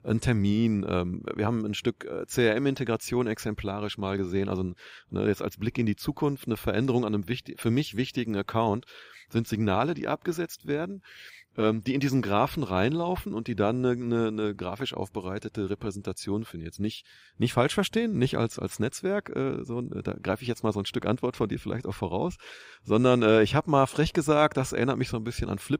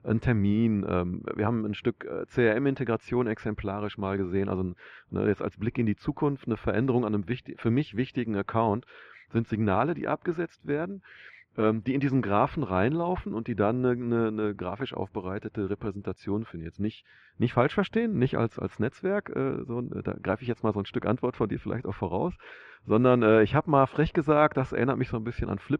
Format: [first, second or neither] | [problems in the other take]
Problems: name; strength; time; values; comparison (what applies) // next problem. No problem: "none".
first | muffled; very; fading above 2 kHz